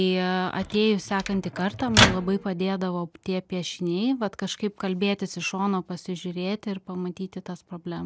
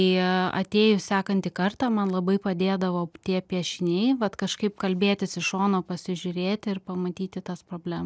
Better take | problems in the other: second | background sound (Microwave oven); as loud as the speech

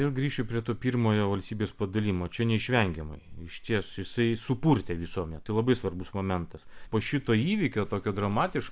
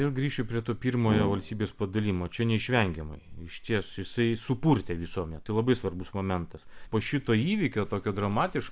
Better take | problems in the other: first | background sound (Brass instrument); 5 dB below the speech

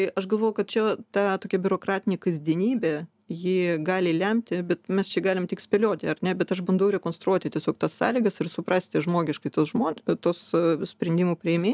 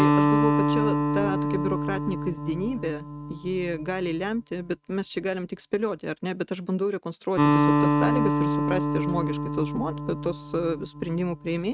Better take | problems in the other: first | noise reduction (neural mask model RNNoise)

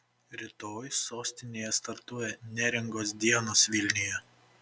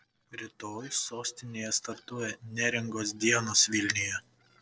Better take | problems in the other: first | noise reduction (neural separator model SepFormer DNS4)

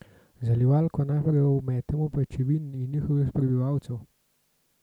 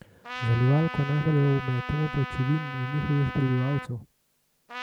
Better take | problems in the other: first | background sound (Trumpet); 11 dB below the speech

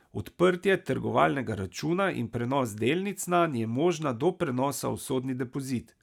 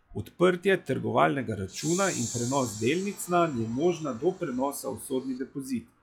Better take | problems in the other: first | noise reduction (classical method log-MMSE)

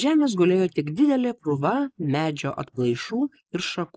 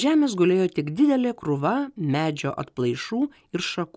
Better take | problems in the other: second | noise reduction (neural mask model Resemble Enhance denoiser)

